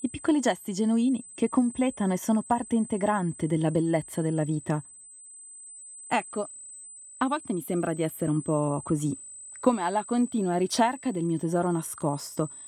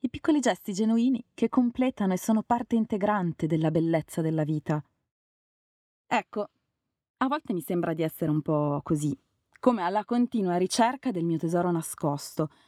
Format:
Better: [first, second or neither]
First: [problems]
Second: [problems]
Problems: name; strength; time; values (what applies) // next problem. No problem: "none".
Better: second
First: high-pitched whine; noticeable; throughout; 8 kHz, 15 dB below the speech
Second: none